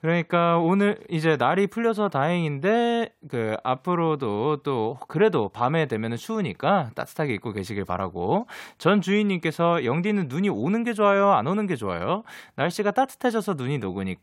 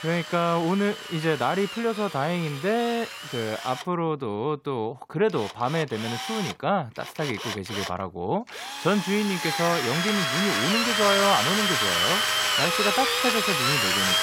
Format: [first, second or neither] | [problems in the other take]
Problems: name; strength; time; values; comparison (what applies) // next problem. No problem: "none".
first | machinery noise; very loud; throughout; 2 dB above the speech